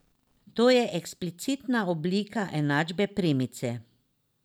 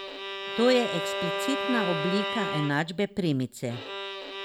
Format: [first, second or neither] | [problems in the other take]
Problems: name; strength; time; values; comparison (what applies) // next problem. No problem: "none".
first | background sound (Bowed string instrument); 4 dB below the speech